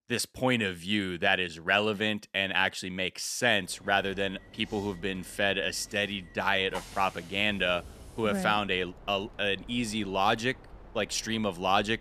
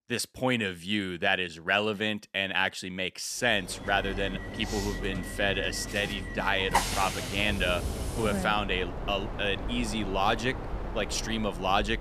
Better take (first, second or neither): first